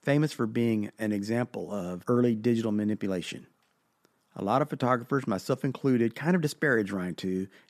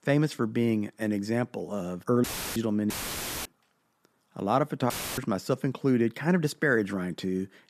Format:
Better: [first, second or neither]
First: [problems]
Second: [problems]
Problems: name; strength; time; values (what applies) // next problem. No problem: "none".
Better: first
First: none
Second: audio cutting out; filled with static; at 2 s, at 3 s for 0.5 s and at 5 s